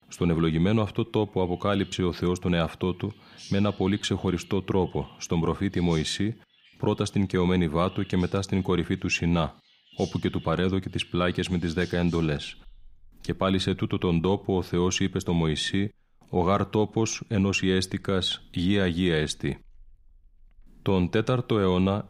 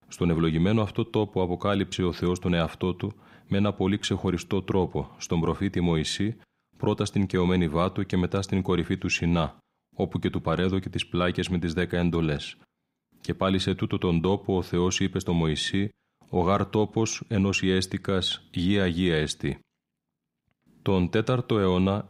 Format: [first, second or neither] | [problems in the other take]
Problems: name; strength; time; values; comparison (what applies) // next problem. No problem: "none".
second | animal sounds; faint; throughout; 25 dB below the speech